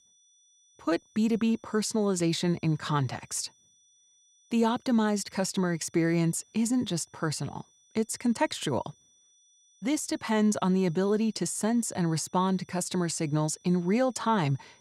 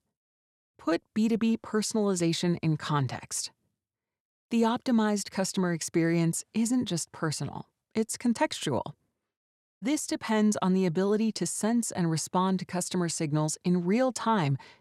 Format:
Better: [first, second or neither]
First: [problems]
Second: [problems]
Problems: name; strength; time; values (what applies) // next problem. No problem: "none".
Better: second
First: high-pitched whine; faint; throughout; 6 kHz, 30 dB below the speech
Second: none